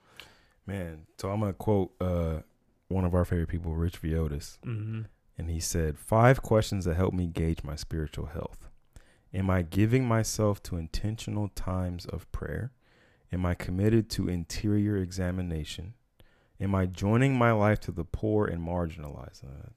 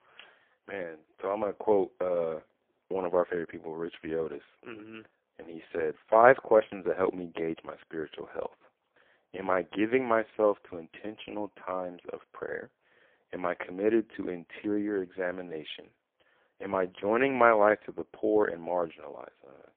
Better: first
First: none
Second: phone-call audio; poor line; nothing above 3.5 kHz

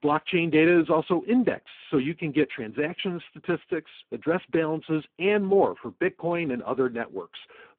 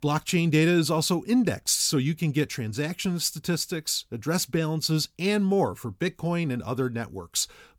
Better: second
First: phone-call audio; poor line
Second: none

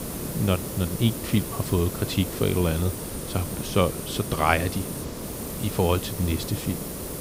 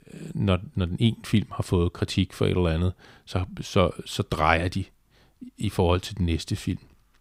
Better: second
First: hiss; loud; throughout; 6 dB below the speech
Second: none

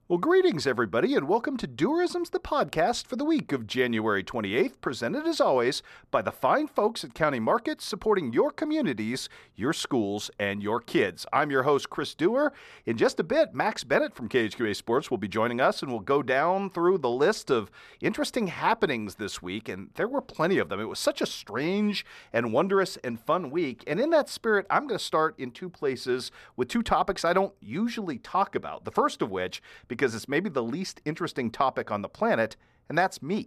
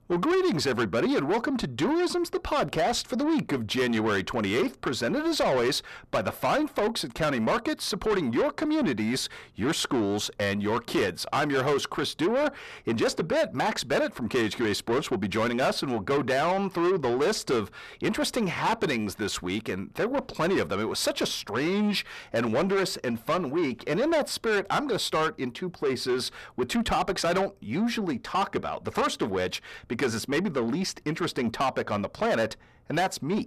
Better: first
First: none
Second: distortion; heavy; 8 dB below the speech

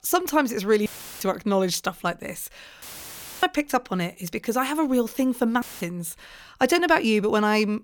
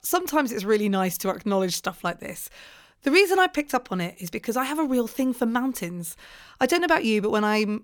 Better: second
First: audio cutting out; filled with static; at 1 s, at 3 s for 0.5 s and at 5.5 s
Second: none

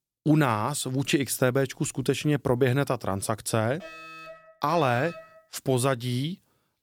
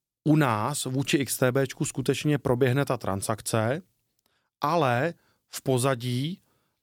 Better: second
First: alarm; faint; from 4 to 5.5 s; peak 15 dB below the speech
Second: none

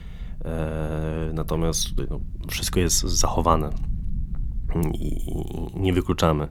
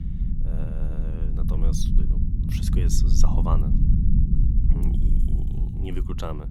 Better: first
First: low rumble; faint; throughout; 25 dB below the speech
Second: low rumble; loud; throughout; 1 dB below the speech

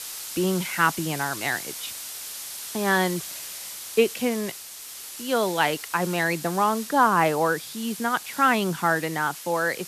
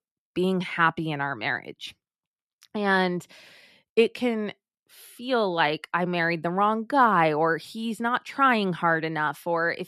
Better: second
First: hiss; noticeable; throughout; 10 dB below the speech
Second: none

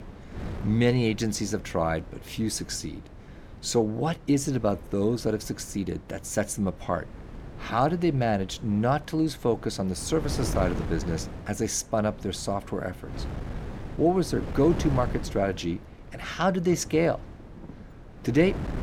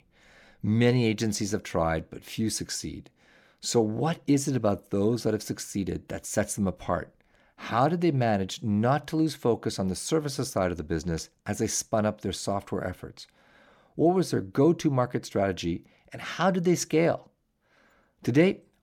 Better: second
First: wind noise on the microphone; occasional gusts; 15 dB below the speech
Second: none

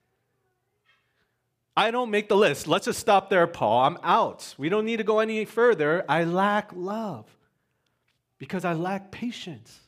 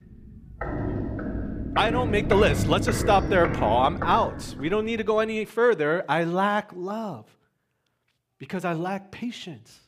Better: first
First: none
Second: footsteps; noticeable; until 5 s; peak 1 dB below the speech

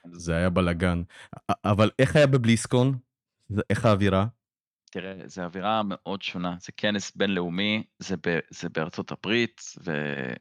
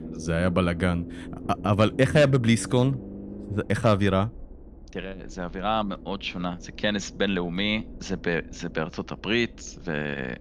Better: first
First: none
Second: low rumble; noticeable; throughout; 20 dB below the speech

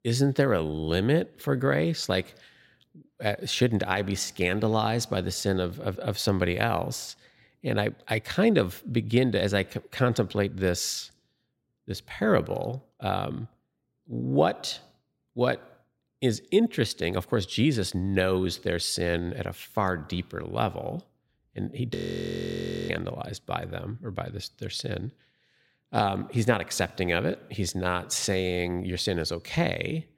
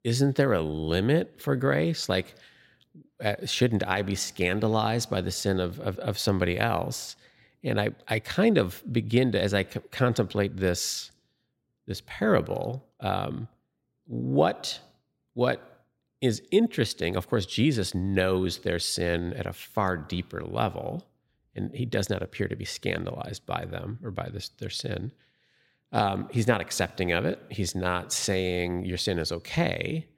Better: second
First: audio freezing; at 22 s for 1 s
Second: none

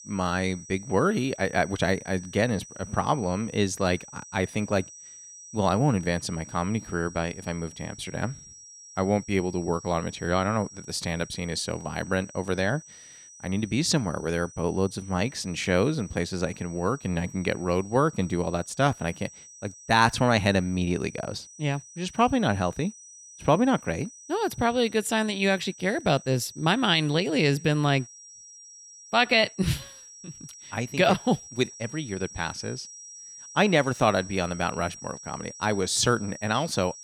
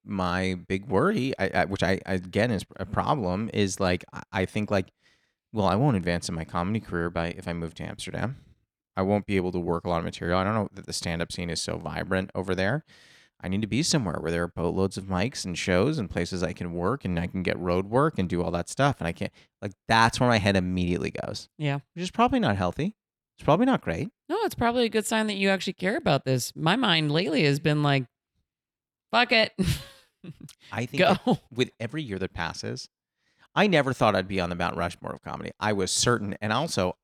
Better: second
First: high-pitched whine; noticeable; throughout; 5.5 kHz, 15 dB below the speech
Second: none

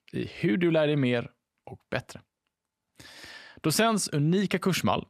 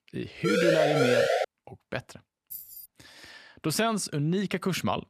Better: first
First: none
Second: siren; loud; until 1.5 s; peak 5 dB above the speech // jangling keys; faint; at 2.5 s; peak 10 dB below the speech

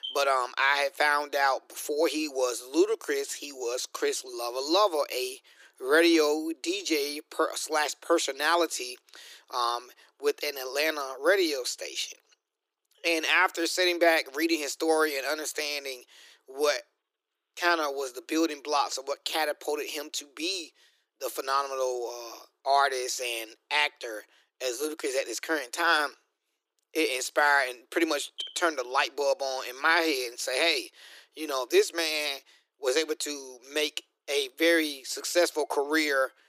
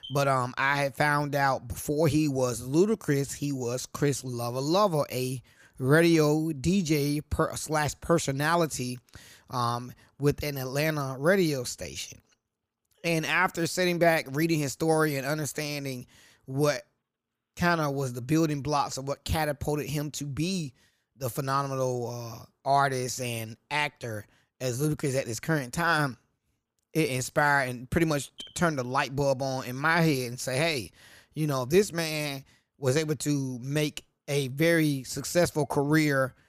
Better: second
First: thin; very; fading below 350 Hz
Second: none

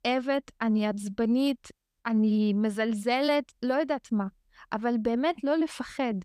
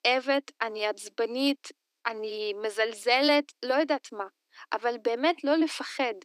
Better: first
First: none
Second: thin; somewhat; fading below 300 Hz

